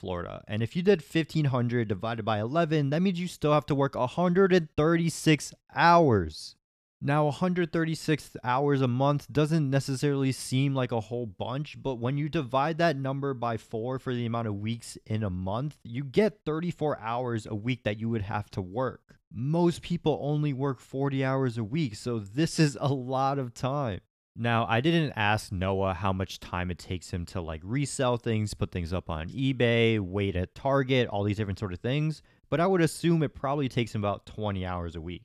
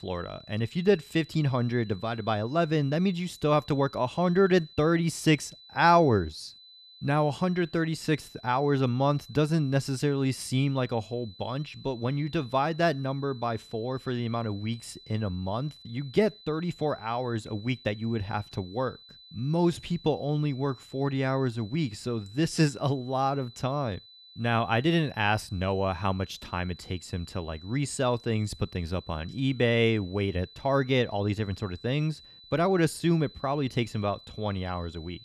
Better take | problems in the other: first | high-pitched whine; faint; throughout; 4 kHz, 20 dB below the speech

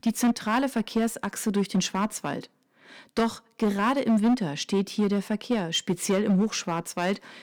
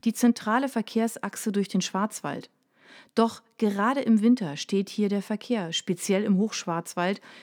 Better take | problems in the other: second | distortion; slight; 8% of the sound clipped

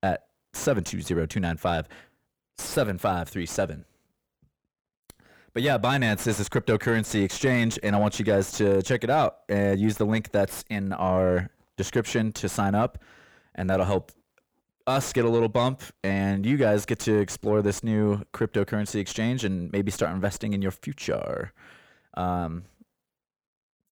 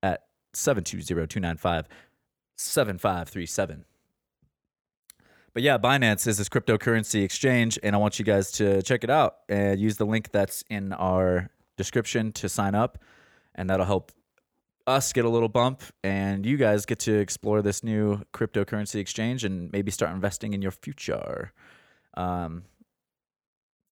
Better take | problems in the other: second | distortion; slight; 10 dB below the speech

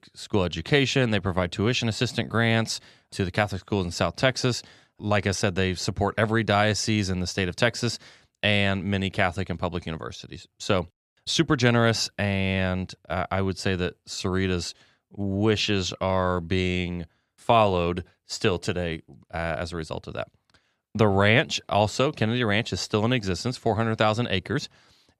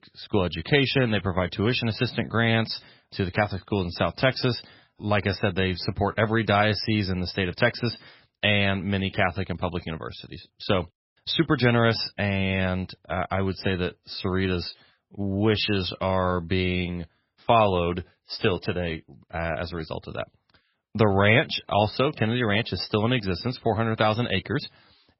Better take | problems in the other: first | garbled, watery; badly; nothing above 5.5 kHz

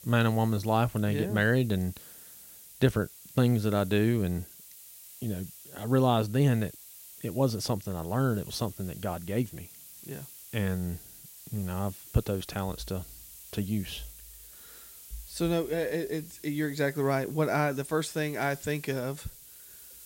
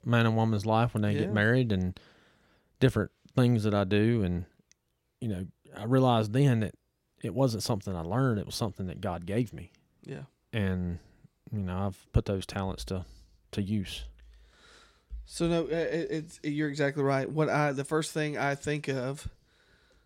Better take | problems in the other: second | hiss; noticeable; throughout; 15 dB below the speech

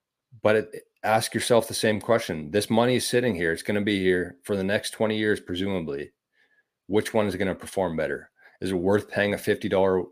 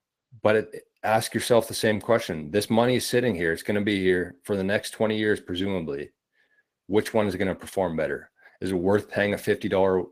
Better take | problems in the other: first | garbled, watery; slightly; nothing above 15 kHz

